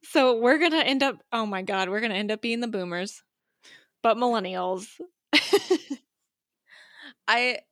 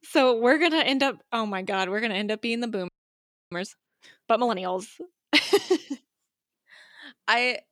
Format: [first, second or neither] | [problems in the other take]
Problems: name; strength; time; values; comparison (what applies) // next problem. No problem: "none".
first | audio freezing; at 3 s for 0.5 s